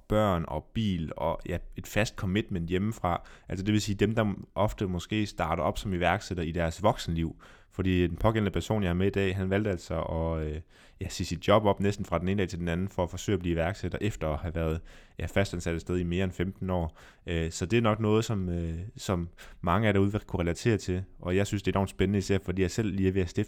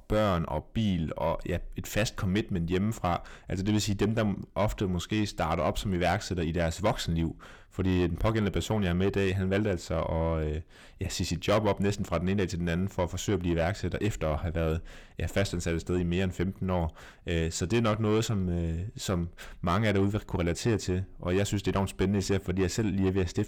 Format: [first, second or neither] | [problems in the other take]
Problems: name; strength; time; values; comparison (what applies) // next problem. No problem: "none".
first | distortion; slight; 10 dB below the speech